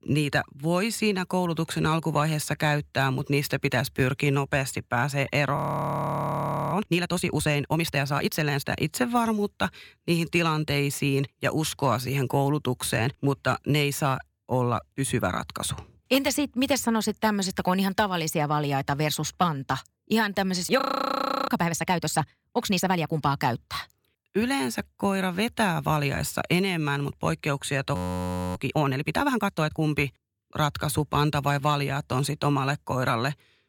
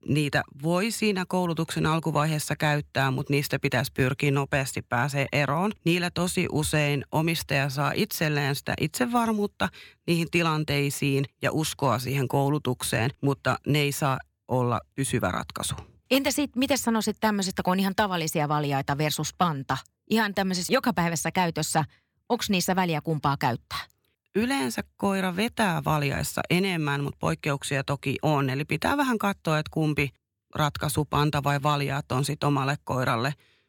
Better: second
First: audio freezing; at 5.5 s for 1 s, at 21 s for 0.5 s and at 28 s for 0.5 s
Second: none

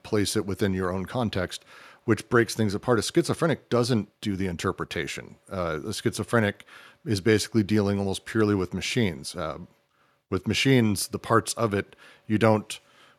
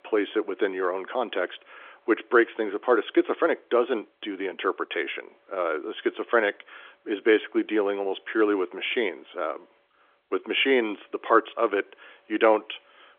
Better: first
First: none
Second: phone-call audio; nothing above 3.5 kHz

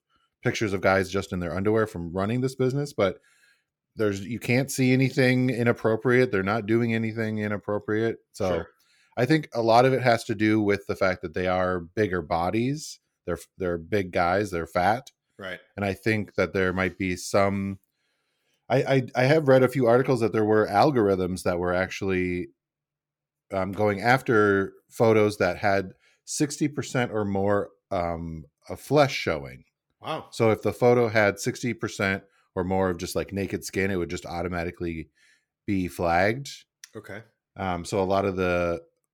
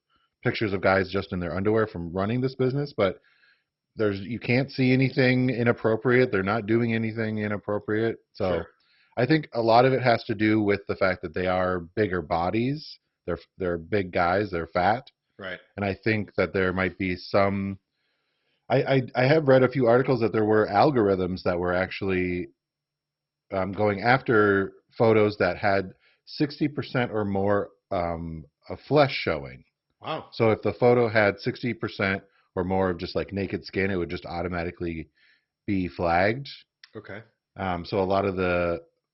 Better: first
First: none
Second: garbled, watery; badly; nothing above 5.5 kHz

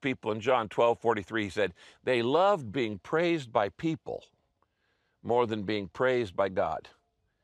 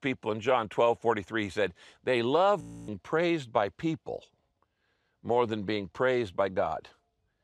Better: first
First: none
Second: audio freezing; at 2.5 s

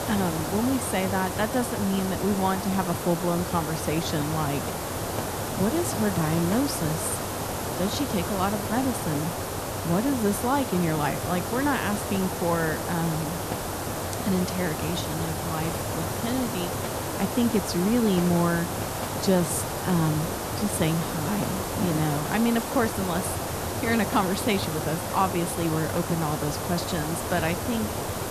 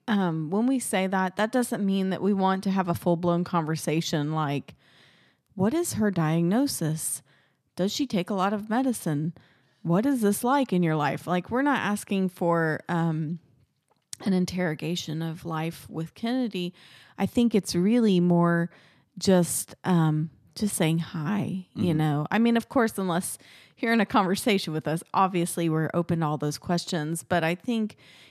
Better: second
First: hiss; loud; throughout; 3 dB below the speech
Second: none

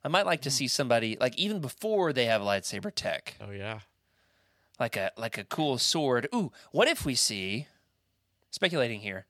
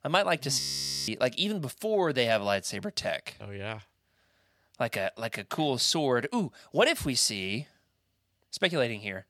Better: first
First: none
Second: audio freezing; at 0.5 s

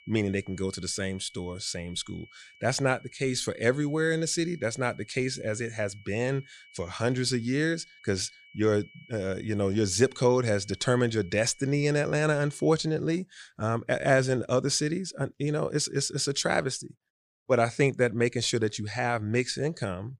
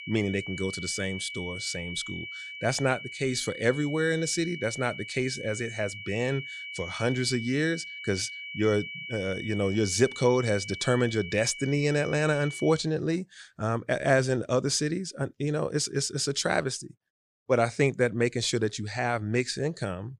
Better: first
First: high-pitched whine; faint; until 13 s; 2.5 kHz, 25 dB below the speech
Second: high-pitched whine; loud; until 13 s; 2.5 kHz, 10 dB below the speech

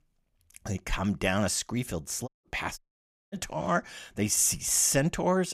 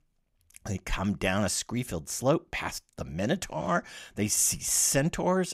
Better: second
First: audio cutting out; at 2.5 s and at 3 s for 0.5 s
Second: none

